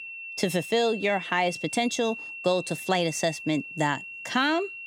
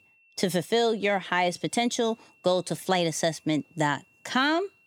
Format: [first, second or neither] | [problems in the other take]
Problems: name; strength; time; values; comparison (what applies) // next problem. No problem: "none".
second | high-pitched whine; loud; throughout; 2.5 kHz, 10 dB below the speech; faint in the second